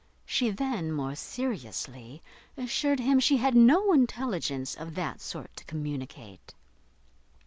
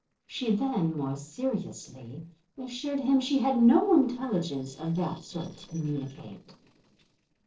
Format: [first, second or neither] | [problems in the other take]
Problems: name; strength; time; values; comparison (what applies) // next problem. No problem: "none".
first | noise reduction (neural separator model SepFormer DNS4)